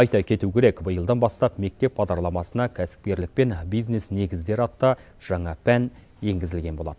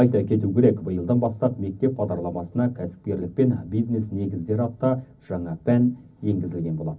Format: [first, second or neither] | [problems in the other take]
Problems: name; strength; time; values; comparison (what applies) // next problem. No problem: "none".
first | room echo; dies away in 0.4 s